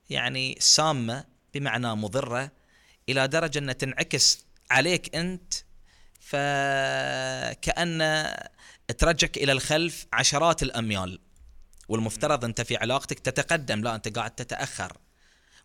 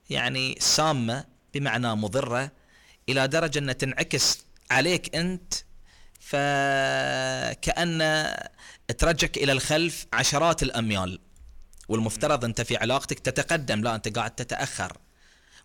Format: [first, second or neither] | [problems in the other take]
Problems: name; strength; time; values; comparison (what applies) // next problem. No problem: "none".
first | distortion; slight; 10 dB below the speech